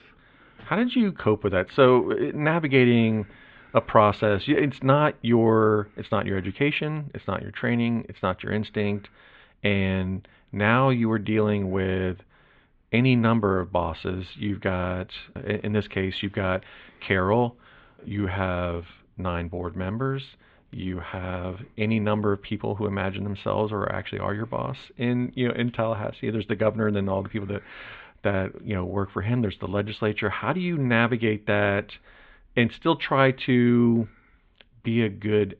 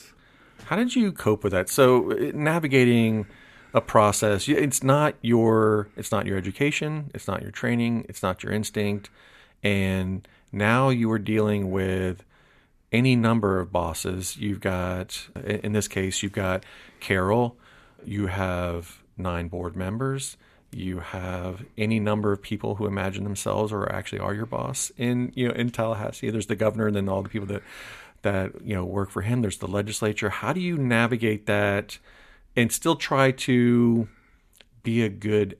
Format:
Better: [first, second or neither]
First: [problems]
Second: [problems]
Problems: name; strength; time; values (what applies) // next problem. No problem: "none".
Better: second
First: muffled; very; fading above 3.5 kHz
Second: none